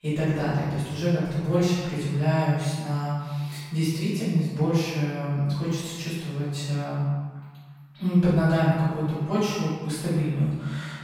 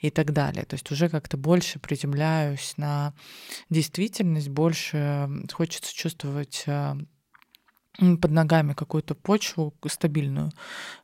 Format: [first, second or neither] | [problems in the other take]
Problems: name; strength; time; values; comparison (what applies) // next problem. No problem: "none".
second | off-mic speech; far // room echo; strong; dies away in 1.4 s